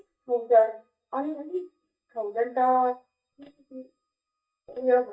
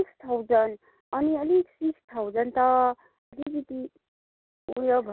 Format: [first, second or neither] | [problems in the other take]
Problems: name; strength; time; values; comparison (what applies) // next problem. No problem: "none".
second | noise reduction (neural mask model DeepFilterNet 3)